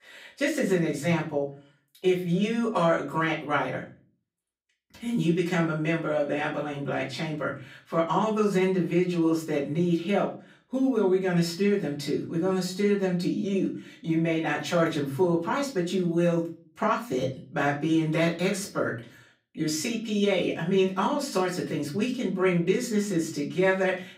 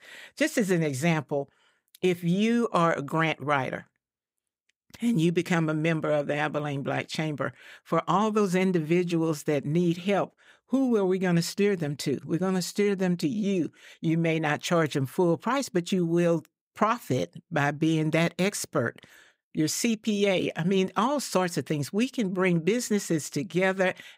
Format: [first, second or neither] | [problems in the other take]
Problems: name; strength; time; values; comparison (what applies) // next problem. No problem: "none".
second | off-mic speech; far // room echo; slight; dies away in 0.4 s